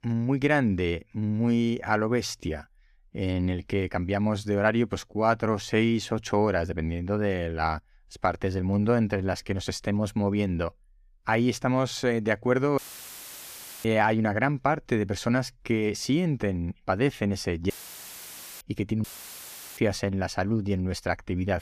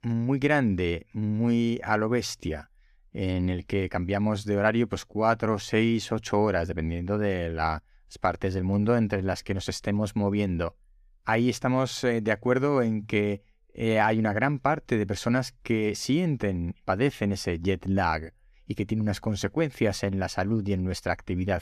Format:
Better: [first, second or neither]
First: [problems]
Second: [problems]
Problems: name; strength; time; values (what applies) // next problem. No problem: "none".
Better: second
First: audio cutting out; filled with static; at 13 s for 1 s, at 18 s for 1 s and at 19 s for 0.5 s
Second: none